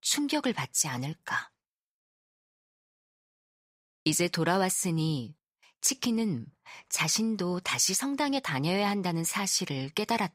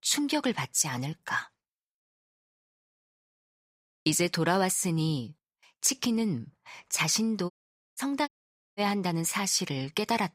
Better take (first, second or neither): first